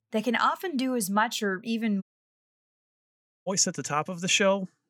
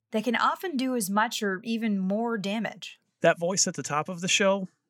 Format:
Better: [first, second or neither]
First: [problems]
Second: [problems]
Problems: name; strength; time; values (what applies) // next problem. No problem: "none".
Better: second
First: audio cutting out; at 2 s for 1.5 s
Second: none